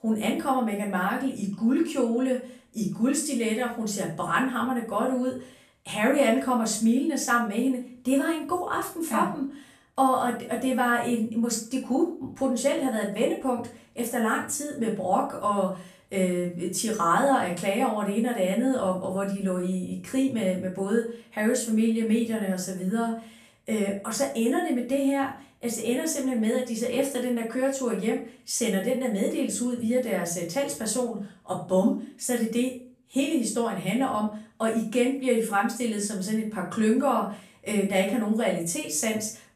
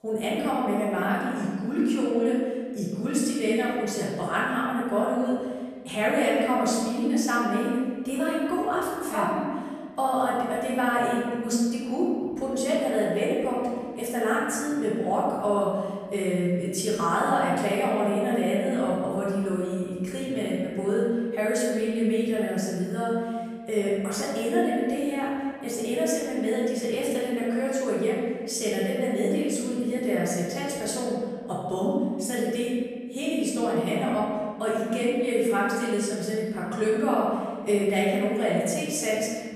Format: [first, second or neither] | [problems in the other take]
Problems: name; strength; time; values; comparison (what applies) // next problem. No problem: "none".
first | room echo; strong; dies away in 1.5 s; slight in the first // off-mic speech; far; far in the first